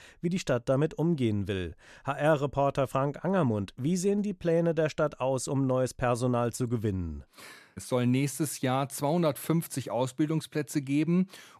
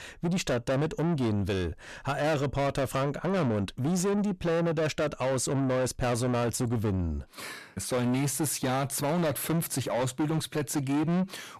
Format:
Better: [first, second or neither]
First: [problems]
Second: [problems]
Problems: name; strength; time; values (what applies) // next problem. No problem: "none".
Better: first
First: none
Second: distortion; heavy; 7 dB below the speech